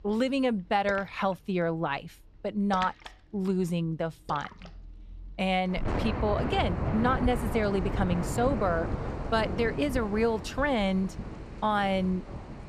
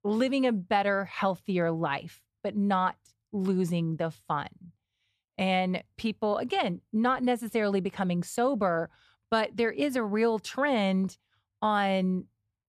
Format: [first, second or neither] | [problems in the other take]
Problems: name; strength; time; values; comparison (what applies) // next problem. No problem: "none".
second | rain or running water; loud; throughout; 6 dB below the speech